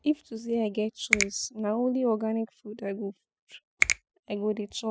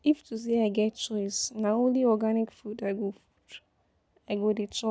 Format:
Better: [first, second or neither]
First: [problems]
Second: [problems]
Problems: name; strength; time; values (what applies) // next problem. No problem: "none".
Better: second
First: noise reduction (classical method spectral subtraction)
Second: none